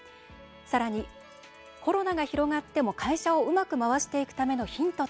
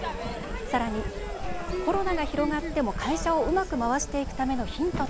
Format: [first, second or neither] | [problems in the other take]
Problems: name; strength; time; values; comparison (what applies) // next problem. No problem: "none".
first | background sound (Crowd / Fireworks + Fire); 3 dB below the speech